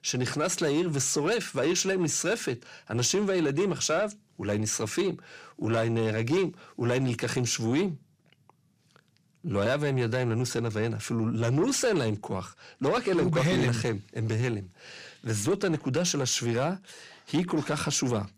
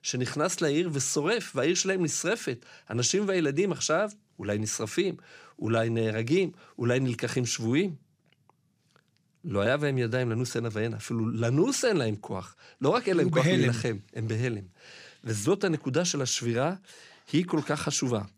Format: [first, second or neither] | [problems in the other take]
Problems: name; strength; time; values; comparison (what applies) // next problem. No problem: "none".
second | distortion; slight; 10 dB below the speech